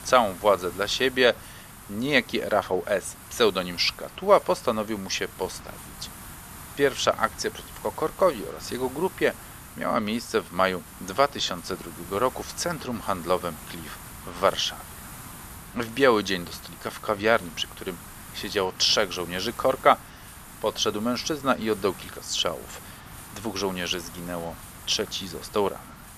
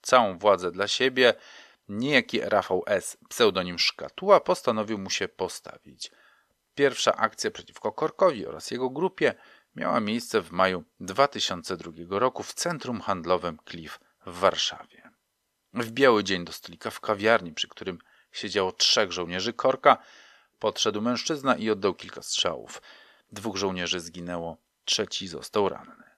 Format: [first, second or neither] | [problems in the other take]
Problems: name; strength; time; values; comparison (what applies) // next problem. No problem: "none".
second | hiss; noticeable; throughout; 15 dB below the speech